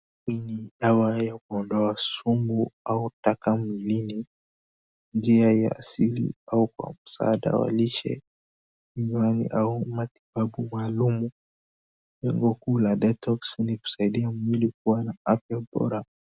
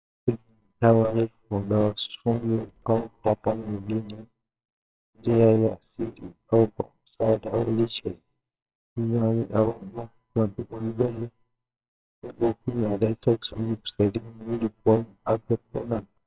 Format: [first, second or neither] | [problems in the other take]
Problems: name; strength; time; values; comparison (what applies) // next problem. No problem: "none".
first | noise reduction (neural separator model SepFormer WHAMR!)